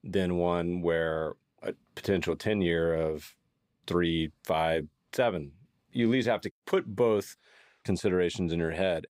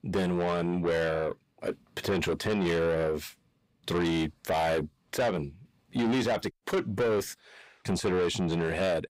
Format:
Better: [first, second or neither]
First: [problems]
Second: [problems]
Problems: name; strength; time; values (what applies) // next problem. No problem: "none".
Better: first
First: none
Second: distortion; heavy; 7 dB below the speech